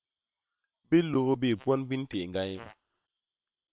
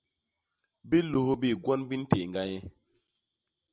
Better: second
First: noise reduction (neural separator model SepFormer WHAM!)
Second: none

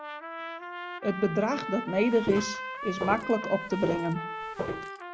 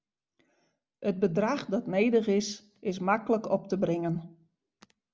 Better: second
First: background sound (Trumpet + Walk, footsteps); 6 dB below the speech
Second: none

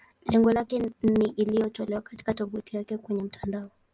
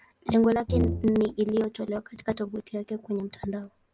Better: first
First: none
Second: background sound (Brass instrument); 1 dB below the speech

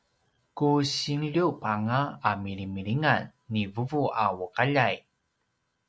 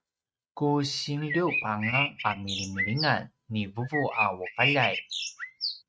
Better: first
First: none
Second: noise reduction (neural mask model RNNoise)

